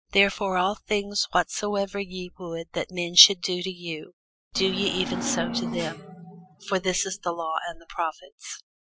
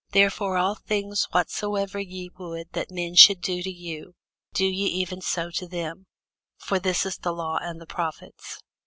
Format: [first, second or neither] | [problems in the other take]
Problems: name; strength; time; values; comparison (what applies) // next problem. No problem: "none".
second | noise reduction (classical method Wiener filter)